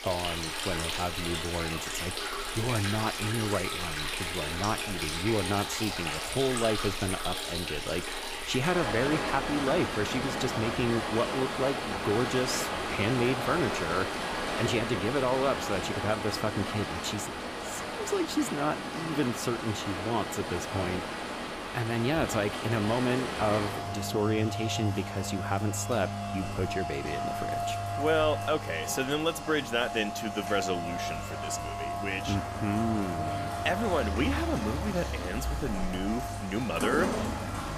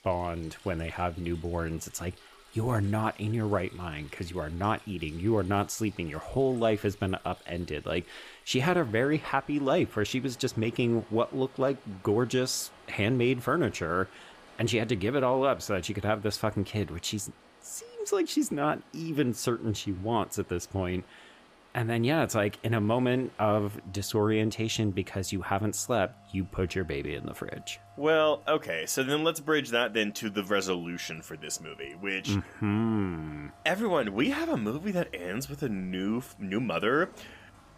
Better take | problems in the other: second | rain or running water; loud; throughout; 2 dB below the speech; faint in the second

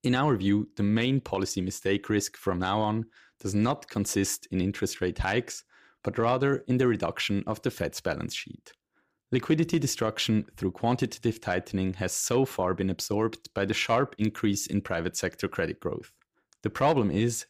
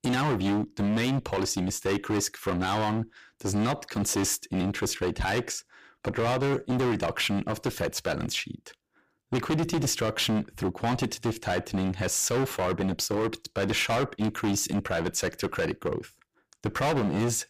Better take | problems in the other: first | distortion; heavy; 19% of the sound clipped

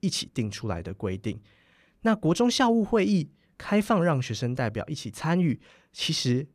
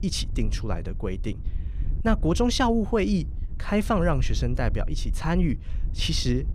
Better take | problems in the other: first | wind noise on the microphone; occasional gusts; 20 dB below the speech

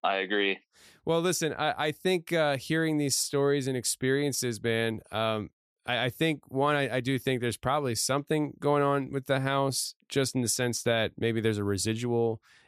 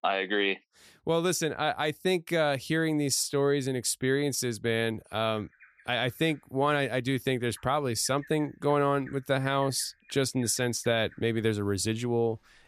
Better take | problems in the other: first | animal sounds; faint; from 5.5 s on; 25 dB below the speech

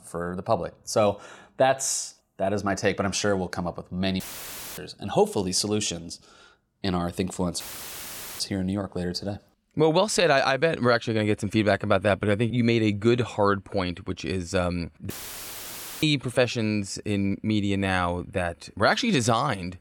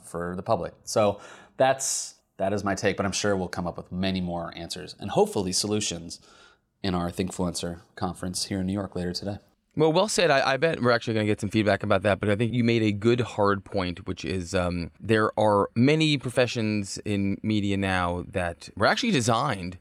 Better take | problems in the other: second | audio cutting out; filled with static; at 4 s for 0.5 s, at 7.5 s for 1 s and at 15 s for 1 s

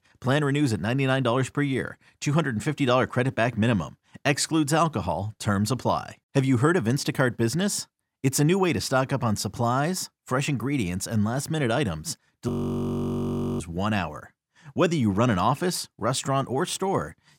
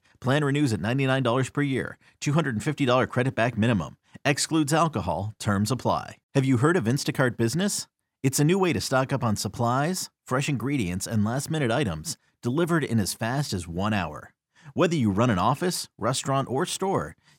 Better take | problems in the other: second | audio freezing; at 12 s for 1 s

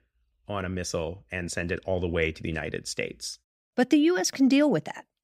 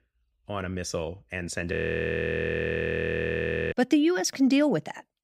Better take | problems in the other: first | audio freezing; at 1.5 s for 2 s

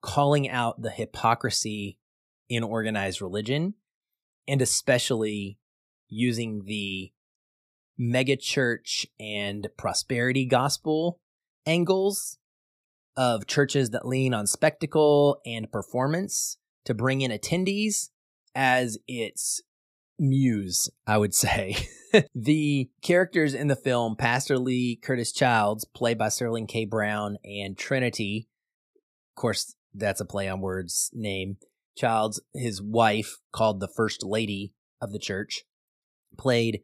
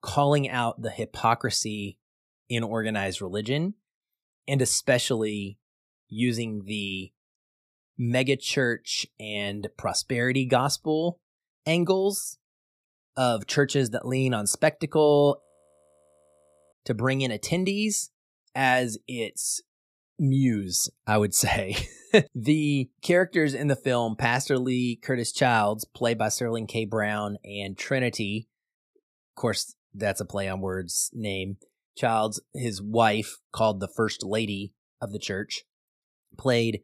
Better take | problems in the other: first | audio freezing; at 15 s for 1.5 s

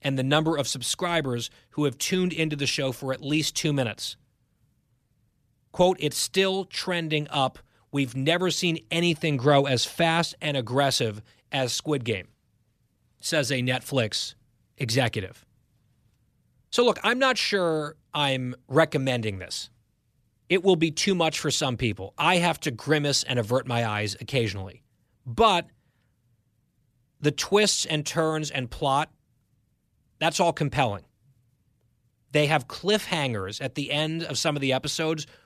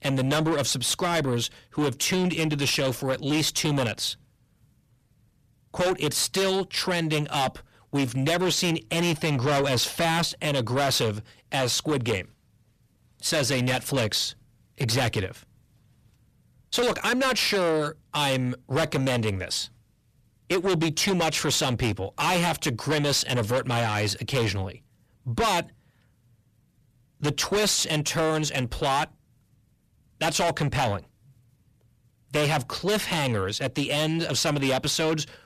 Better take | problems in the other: first | distortion; heavy; 6 dB below the speech

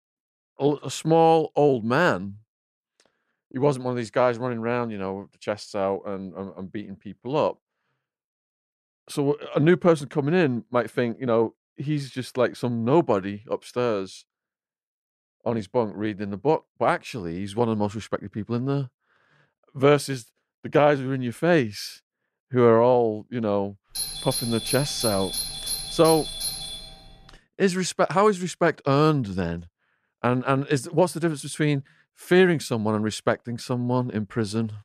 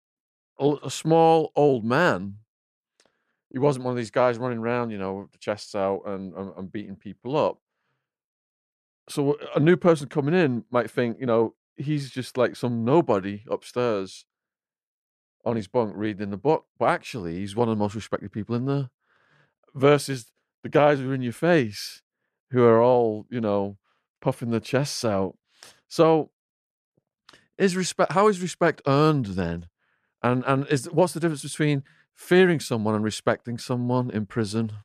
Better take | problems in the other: second | doorbell; noticeable; from 24 to 27 s; peak 3 dB below the speech

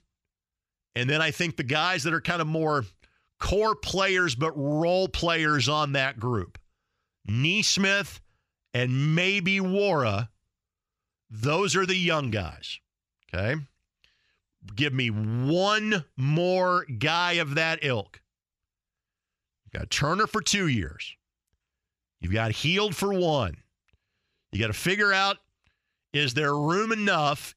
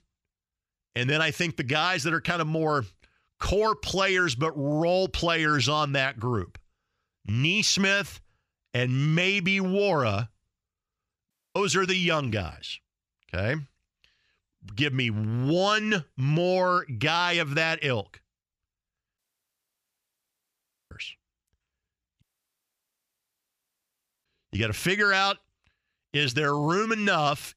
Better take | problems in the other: first | audio cutting out; at 11 s, at 19 s for 1.5 s and at 22 s for 2 s

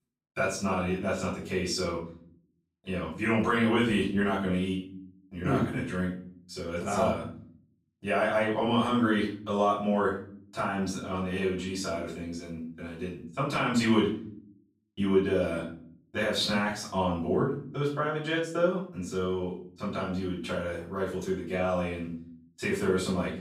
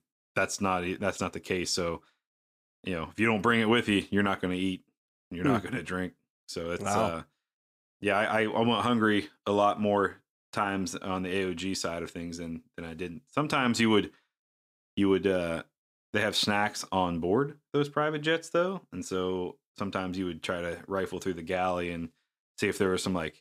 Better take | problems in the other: second | off-mic speech; far // room echo; noticeable; dies away in 0.5 s

